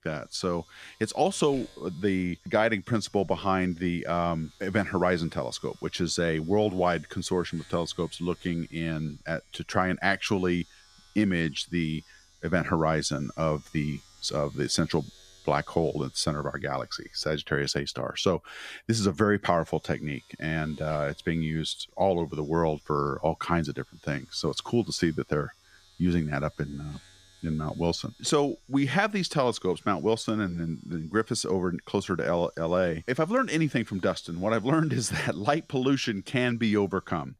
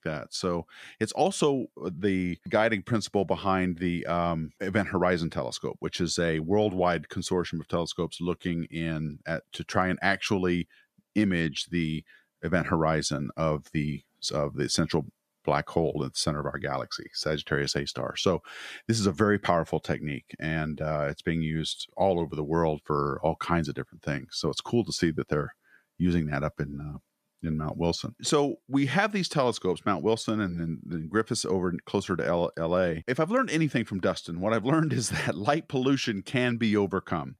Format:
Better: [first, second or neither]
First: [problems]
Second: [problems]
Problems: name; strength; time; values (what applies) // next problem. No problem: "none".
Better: second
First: household noises; faint; throughout; 25 dB below the speech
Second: none